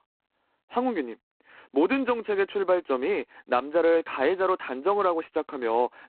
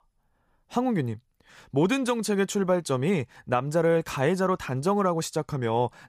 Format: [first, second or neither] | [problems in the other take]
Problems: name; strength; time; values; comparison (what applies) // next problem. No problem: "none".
second | phone-call audio; poor line; nothing above 4 kHz